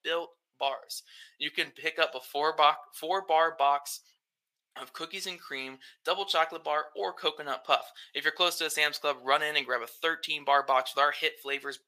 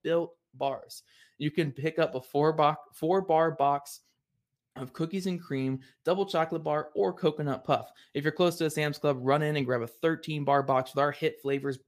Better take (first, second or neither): second